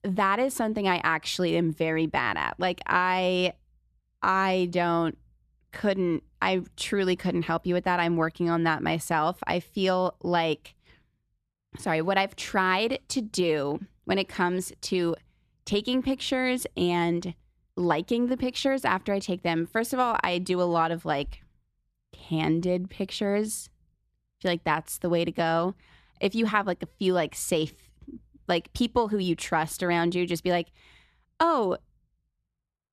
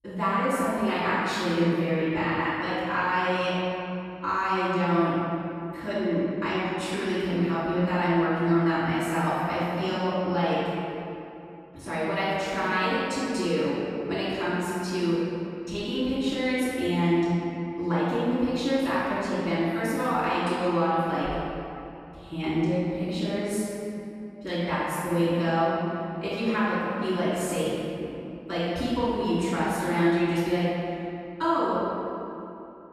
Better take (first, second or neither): first